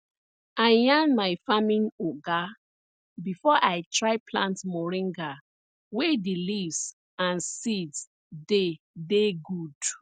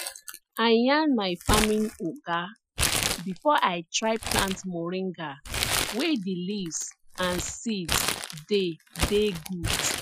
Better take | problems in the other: first | noise reduction (classical method Wiener filter)

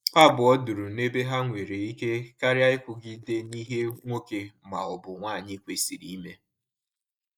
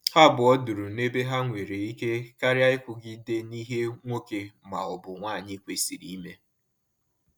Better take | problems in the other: second | noise reduction (neural mask model Resemble Enhance denoiser)

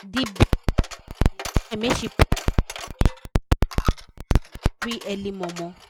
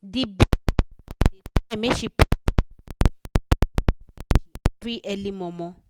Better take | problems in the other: second | background sound (Coin (dropping)); 15 dB below the speech

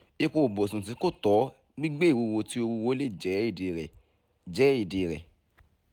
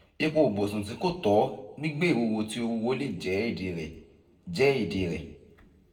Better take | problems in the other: first | room echo; dies away in 0.6 s

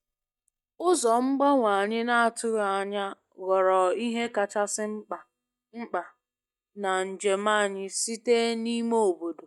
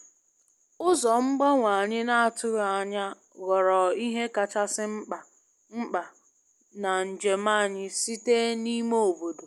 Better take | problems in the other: second | noise reduction (neural mask model DeepFilterNet 3)

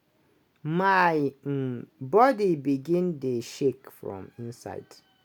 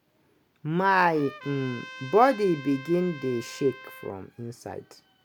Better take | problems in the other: first | background sound (Trumpet); 17 dB below the speech

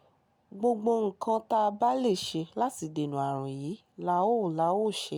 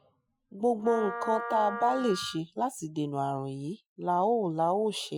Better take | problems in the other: first | noise reduction (classical method Wiener filter)

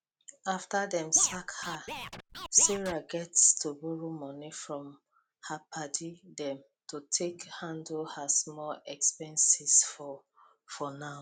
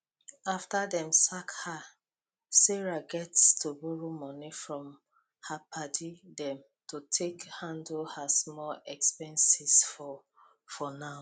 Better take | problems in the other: second | background sound (Scratching (performance technique)); 10 dB below the speech

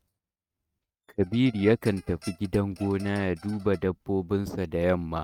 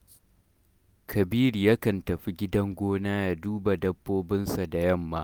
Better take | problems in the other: second | noise reduction (neural mask model RNNoise)

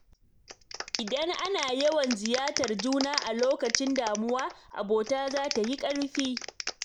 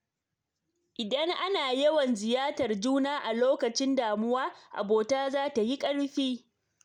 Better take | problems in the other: second | background sound (Clapping); 8 dB below the speech

